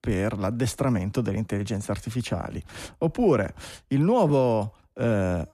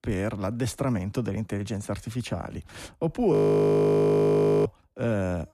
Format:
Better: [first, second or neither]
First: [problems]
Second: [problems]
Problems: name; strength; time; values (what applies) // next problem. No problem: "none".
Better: first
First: none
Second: audio freezing; at 3.5 s for 1.5 s